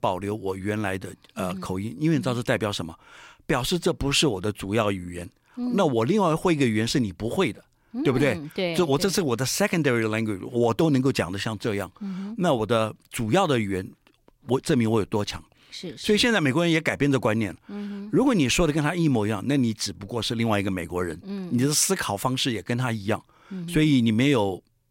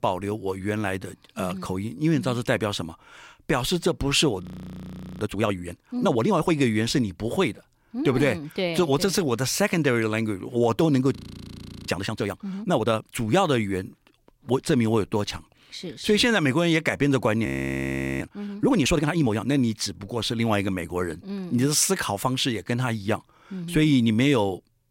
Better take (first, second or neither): first